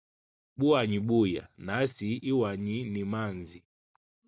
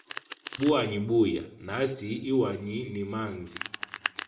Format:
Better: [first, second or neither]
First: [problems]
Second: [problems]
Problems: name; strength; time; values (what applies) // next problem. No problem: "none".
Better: first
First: none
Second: background sound (Domestic sounds, home sounds); 13 dB below the speech // room echo; dies away in 0.7 s